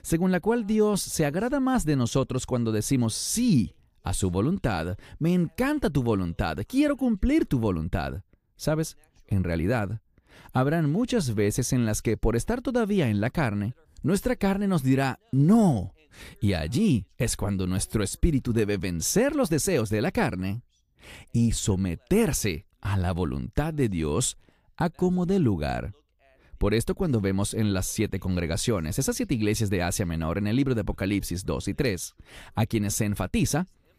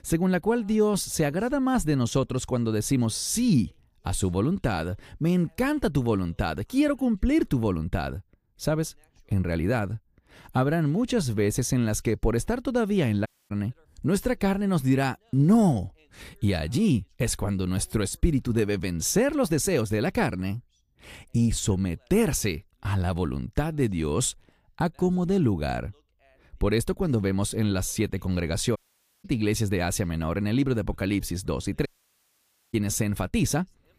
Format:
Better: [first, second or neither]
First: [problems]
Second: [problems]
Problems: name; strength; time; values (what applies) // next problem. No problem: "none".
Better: first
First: none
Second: audio cutting out; at 13 s, at 29 s and at 32 s for 1 s